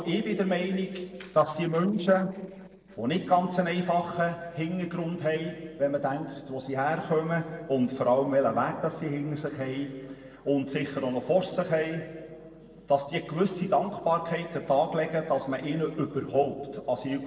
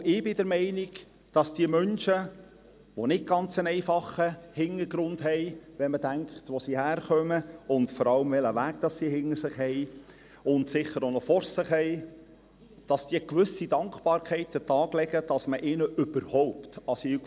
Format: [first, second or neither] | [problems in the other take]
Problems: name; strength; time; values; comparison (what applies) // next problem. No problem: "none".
second | noise reduction (neural separator model SepFormer DNS4)